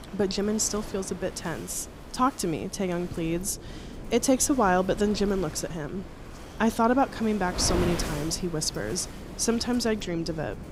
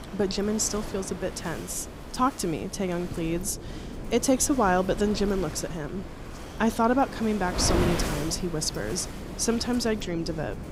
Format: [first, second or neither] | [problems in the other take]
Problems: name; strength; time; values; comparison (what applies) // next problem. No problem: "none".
first | wind noise on the microphone; heavy; 10 dB below the speech; occasional gusts in the first